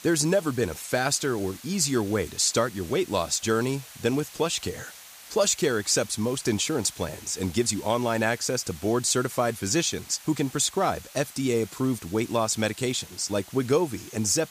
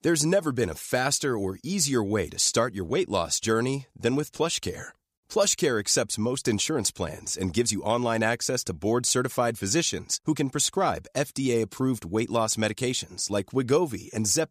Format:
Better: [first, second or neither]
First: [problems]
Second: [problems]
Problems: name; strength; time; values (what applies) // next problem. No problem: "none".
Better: second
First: hiss; noticeable; throughout; 20 dB below the speech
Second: none